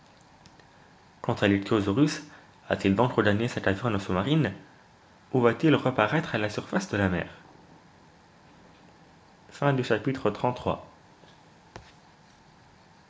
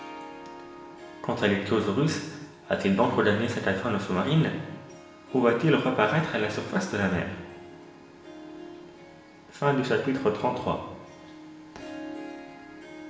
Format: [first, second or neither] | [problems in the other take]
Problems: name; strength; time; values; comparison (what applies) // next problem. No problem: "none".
first | background sound (Harp); 16 dB below the speech // room echo; dies away in 1 s